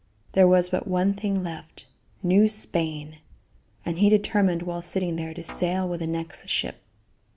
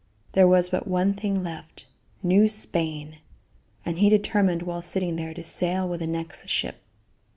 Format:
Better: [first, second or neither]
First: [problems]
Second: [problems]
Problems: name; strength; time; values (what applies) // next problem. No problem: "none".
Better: second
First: background sound (Guitar); 20 dB below the speech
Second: none